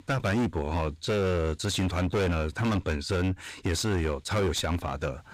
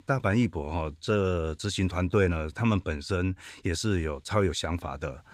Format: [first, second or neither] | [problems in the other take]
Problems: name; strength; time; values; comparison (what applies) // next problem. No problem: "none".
second | distortion; heavy; 24% of the sound clipped